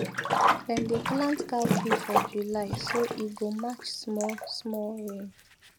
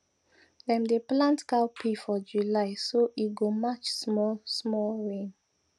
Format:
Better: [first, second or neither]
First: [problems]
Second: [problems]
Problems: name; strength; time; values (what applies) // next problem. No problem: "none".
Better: second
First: background sound (Sink (filling or washing)); 1 dB above the speech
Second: none